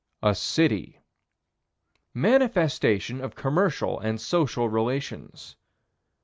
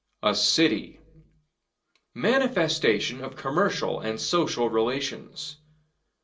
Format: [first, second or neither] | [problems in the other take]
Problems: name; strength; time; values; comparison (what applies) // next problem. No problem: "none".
first | room echo; dies away in 0.2 s